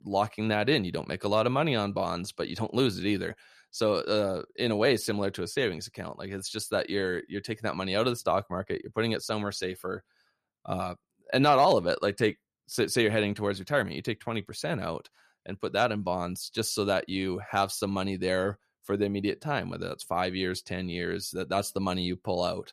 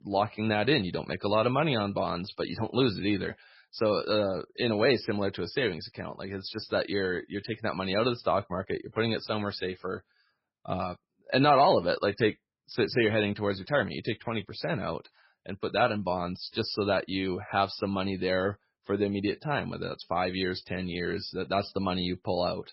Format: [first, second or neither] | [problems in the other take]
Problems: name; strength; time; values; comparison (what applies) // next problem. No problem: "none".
first | garbled, watery; badly; nothing above 5.5 kHz